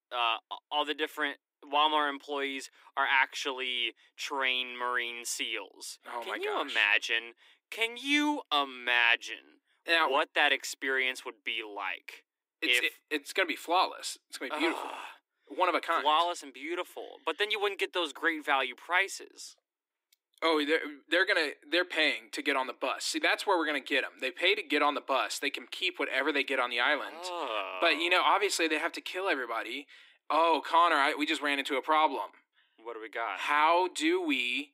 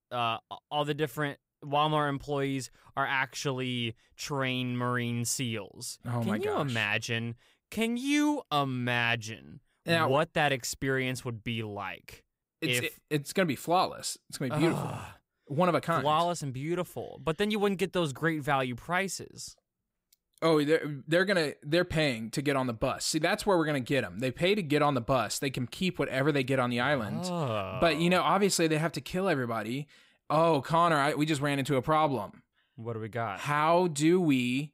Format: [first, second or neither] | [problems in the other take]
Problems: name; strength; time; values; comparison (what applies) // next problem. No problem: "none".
second | thin; somewhat; fading below 300 Hz